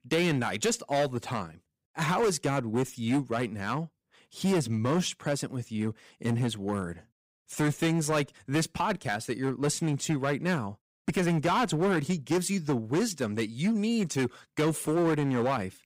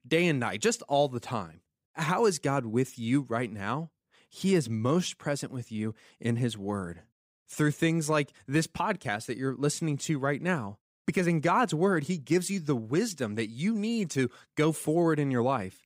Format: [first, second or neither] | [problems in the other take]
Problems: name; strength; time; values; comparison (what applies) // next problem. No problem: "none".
second | distortion; slight; 9% of the sound clipped